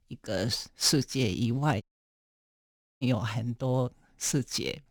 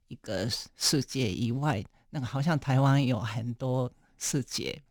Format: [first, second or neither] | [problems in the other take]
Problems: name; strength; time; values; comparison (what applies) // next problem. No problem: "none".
second | audio cutting out; at 2 s for 1 s